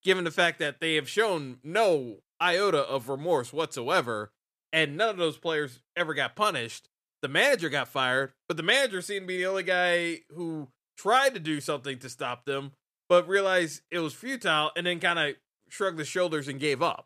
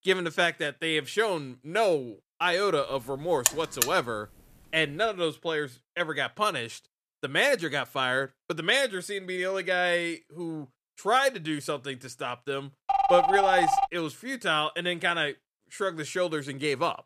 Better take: first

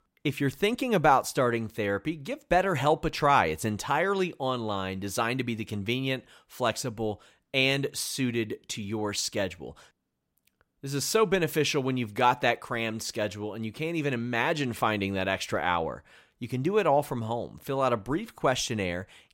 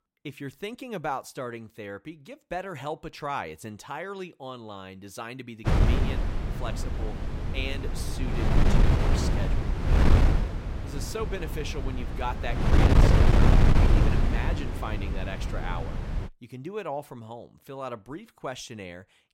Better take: first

